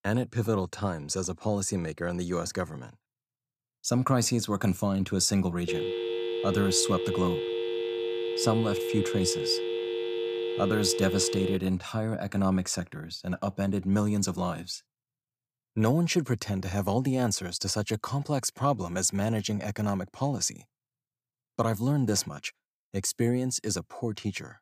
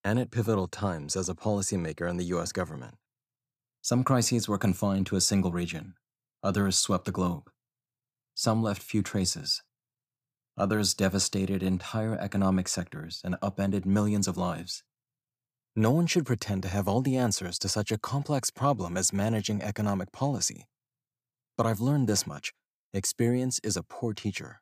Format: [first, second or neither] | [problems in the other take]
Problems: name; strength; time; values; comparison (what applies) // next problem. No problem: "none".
second | phone ringing; noticeable; from 5.5 to 12 s; peak 2 dB below the speech